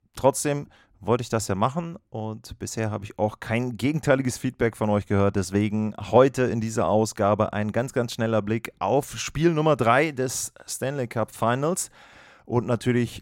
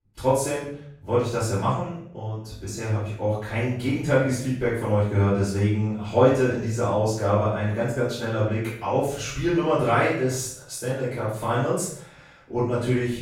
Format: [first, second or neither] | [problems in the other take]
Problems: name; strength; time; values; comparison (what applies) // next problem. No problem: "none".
first | off-mic speech; far // room echo; noticeable; dies away in 0.5 s